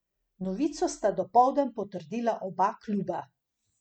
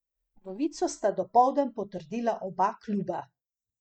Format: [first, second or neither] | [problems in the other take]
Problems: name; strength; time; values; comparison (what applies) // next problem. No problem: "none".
first | noise reduction (neural mask model DeepFilterNet 3)